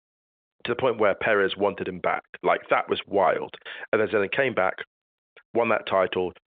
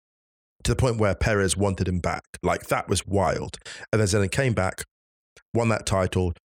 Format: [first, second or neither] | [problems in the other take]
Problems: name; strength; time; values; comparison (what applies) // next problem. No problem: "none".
second | phone-call audio; nothing above 3.5 kHz